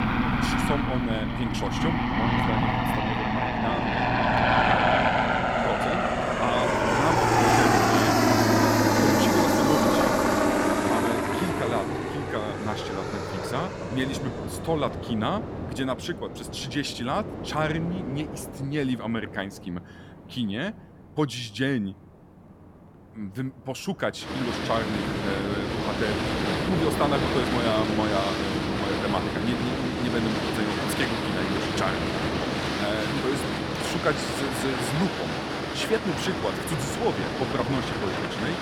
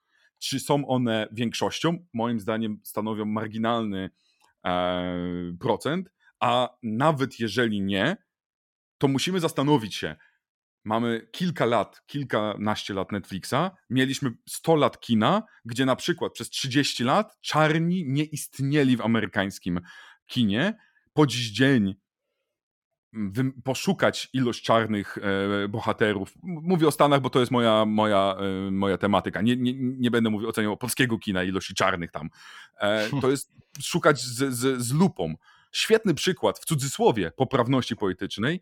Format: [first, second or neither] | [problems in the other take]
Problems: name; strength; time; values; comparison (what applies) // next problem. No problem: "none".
second | train or aircraft noise; very loud; throughout; 5 dB above the speech